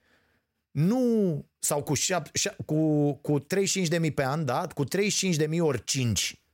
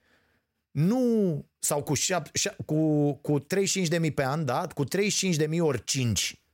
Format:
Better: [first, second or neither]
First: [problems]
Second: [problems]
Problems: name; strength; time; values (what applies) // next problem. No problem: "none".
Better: neither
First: none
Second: none